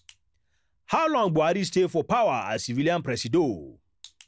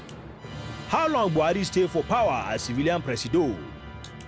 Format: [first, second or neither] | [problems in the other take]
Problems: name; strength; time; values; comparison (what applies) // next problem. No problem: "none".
first | background sound (Musical instrument); 13 dB below the speech